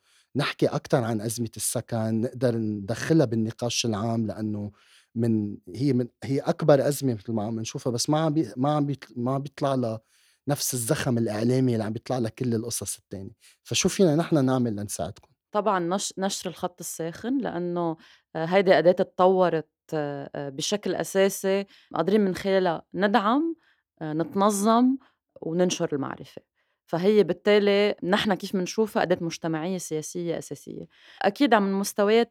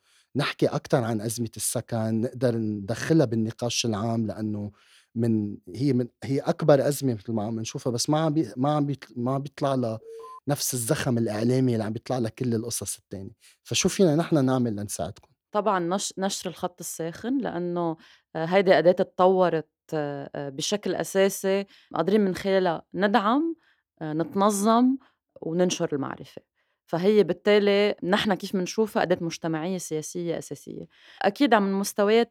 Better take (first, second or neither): first